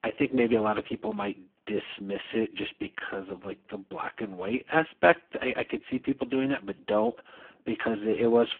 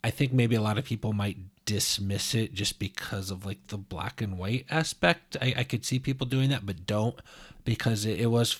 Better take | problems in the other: second | phone-call audio; poor line

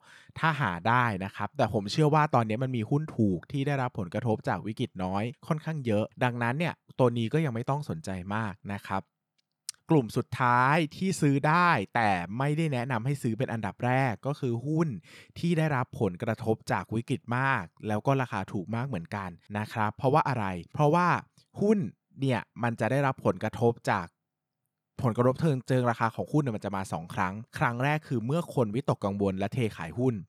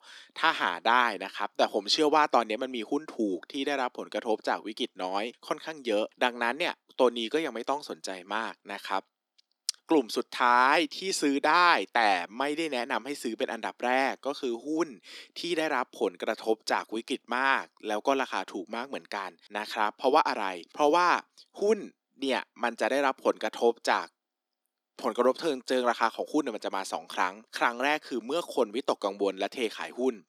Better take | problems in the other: first | thin; somewhat; fading below 250 Hz

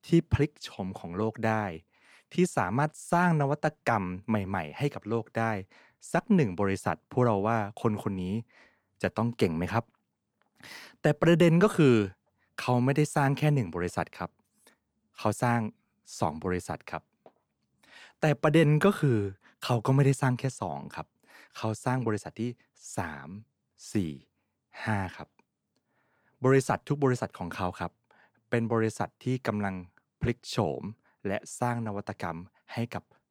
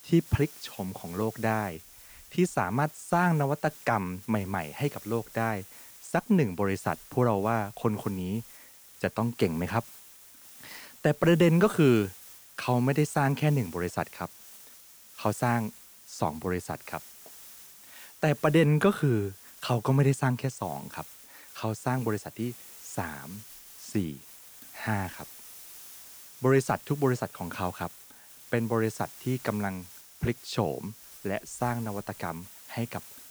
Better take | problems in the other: first | hiss; noticeable; throughout; 20 dB below the speech

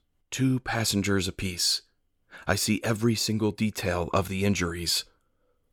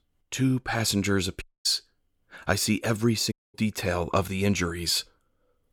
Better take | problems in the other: first | audio cutting out; at 1.5 s and at 3.5 s

